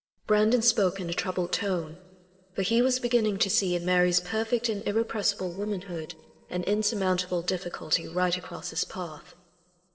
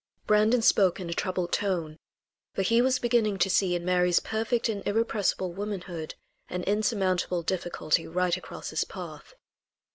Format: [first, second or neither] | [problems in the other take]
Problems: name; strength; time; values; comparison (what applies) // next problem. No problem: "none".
second | noise reduction (neural separator model SepFormer DNS4)